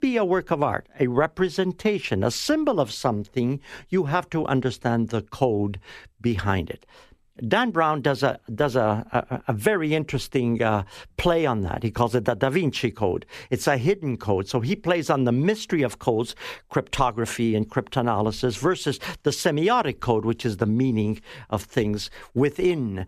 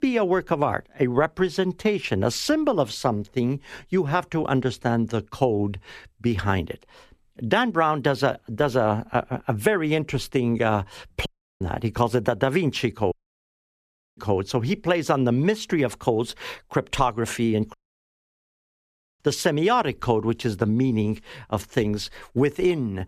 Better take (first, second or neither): first